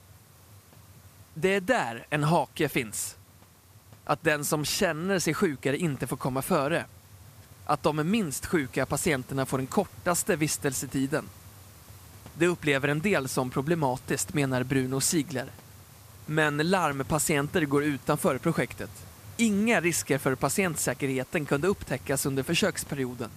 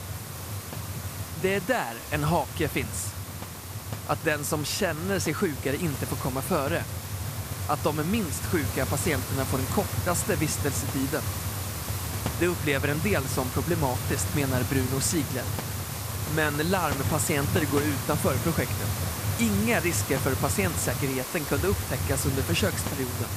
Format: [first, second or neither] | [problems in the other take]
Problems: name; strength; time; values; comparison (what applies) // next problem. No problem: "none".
first | hiss; loud; throughout; 3 dB below the speech; faint in the first